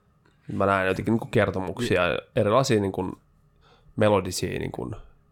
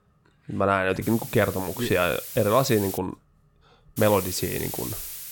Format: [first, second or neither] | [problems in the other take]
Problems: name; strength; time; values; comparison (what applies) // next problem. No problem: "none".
first | hiss; loud; from 1 to 3 s and from 4 s on; 9 dB below the speech